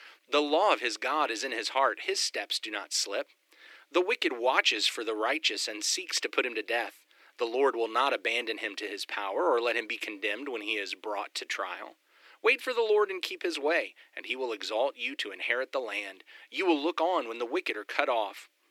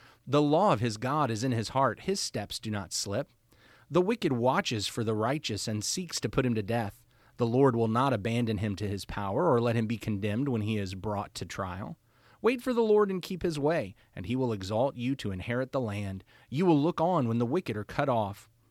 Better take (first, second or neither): second